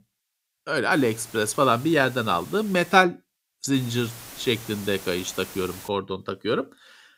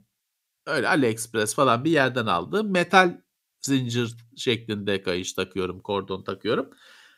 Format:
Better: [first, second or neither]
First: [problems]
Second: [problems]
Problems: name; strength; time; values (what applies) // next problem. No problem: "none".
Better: second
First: hiss; very faint; from 1 to 3 s and from 3.5 to 6 s; 15 dB below the speech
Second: none